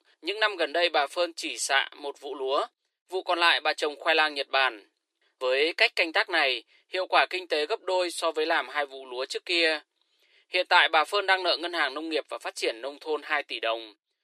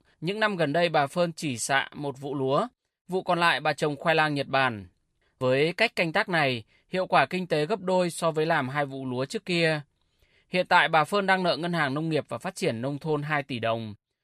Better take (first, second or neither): second